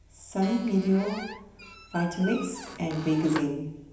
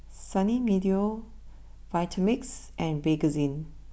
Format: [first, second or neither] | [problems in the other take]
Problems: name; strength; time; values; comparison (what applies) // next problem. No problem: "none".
second | background sound (Squeak); 13 dB below the speech // room echo; dies away in 0.9 s